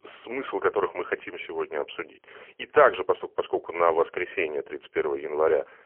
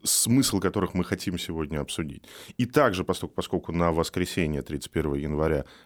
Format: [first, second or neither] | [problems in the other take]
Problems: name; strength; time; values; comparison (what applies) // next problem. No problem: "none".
second | phone-call audio; poor line; nothing above 3 kHz